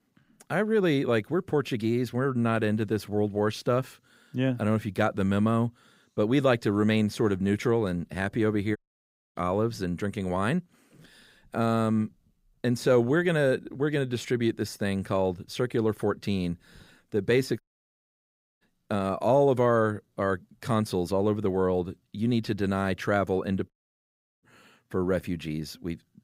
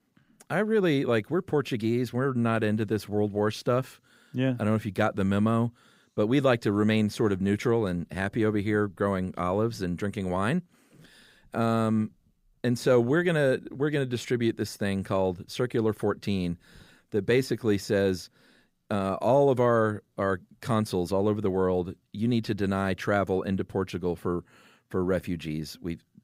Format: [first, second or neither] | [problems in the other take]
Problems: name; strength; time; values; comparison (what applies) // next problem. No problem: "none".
second | audio cutting out; at 9 s for 0.5 s, at 18 s for 1 s and at 24 s for 0.5 s